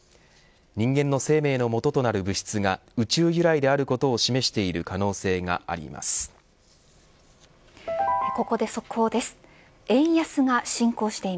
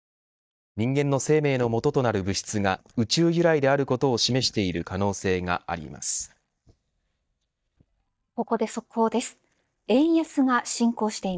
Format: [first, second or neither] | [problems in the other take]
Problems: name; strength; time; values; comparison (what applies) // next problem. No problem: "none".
first | noise reduction (neural mask model DeepFilterNet 3)